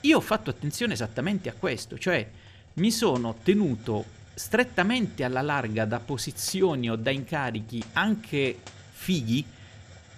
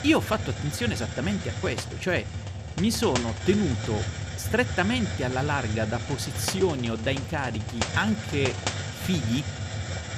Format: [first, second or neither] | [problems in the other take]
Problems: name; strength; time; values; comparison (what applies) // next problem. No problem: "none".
first | hiss; loud; throughout; 4 dB below the speech; faint in the first